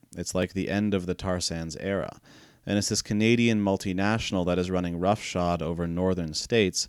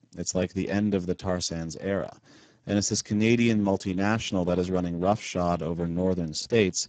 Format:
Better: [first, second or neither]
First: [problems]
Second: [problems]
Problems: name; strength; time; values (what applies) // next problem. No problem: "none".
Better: first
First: none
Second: garbled, watery; badly; nothing above 7.5 kHz